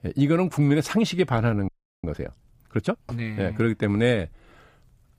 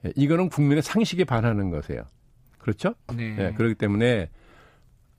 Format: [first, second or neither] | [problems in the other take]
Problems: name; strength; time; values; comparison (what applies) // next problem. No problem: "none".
second | audio freezing; at 1.5 s